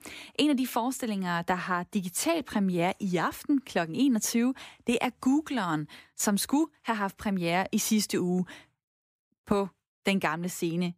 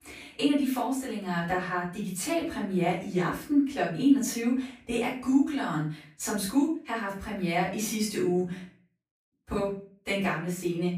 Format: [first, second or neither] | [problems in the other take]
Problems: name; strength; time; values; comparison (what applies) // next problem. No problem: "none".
first | off-mic speech; far // room echo; noticeable; dies away in 0.4 s